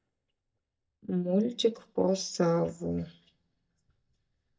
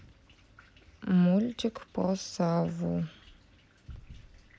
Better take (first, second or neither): second